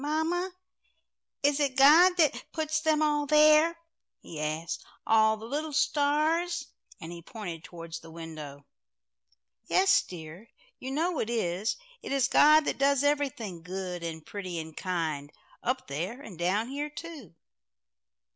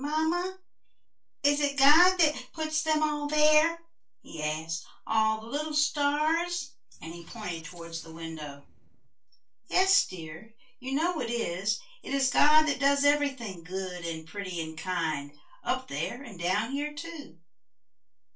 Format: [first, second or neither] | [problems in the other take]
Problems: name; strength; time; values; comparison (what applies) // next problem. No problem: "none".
first | noise reduction (neural separator model SepFormer DNS4)